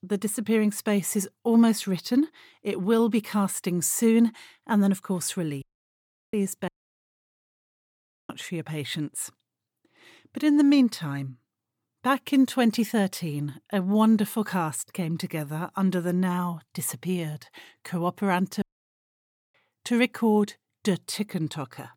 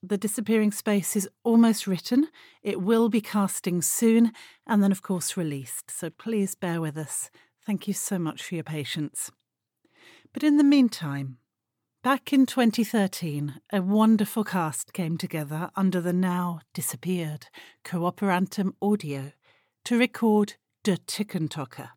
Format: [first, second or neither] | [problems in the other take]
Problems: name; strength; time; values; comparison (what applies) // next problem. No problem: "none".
second | audio cutting out; at 5.5 s for 0.5 s, at 6.5 s for 1.5 s and at 19 s for 1 s